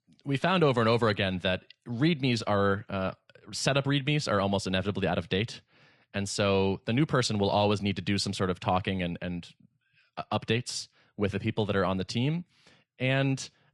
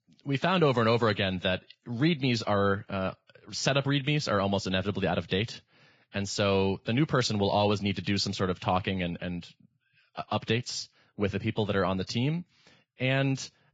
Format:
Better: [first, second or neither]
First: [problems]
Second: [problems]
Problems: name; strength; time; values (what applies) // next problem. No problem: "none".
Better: first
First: garbled, watery; slightly; nothing above 10.5 kHz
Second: garbled, watery; badly; nothing above 7.5 kHz